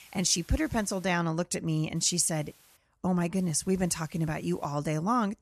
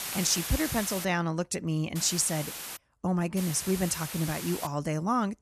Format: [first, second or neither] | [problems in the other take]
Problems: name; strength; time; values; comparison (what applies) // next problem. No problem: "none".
first | hiss; loud; until 1 s, at 2 s and from 3.5 to 4.5 s; 7 dB below the speech; faint in the first